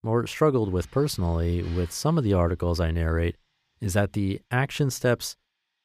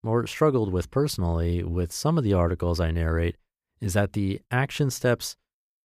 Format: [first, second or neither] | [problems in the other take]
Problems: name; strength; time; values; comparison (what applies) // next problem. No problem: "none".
second | machinery noise; faint; throughout; 25 dB below the speech